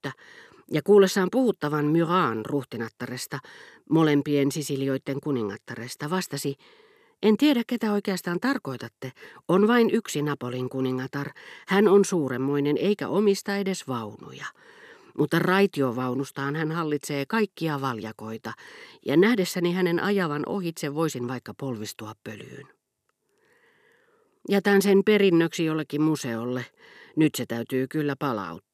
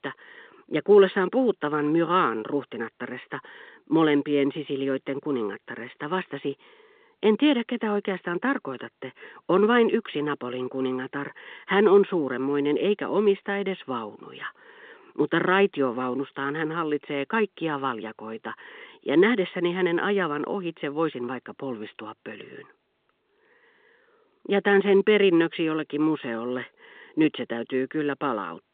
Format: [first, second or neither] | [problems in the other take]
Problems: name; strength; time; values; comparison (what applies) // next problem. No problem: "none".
first | phone-call audio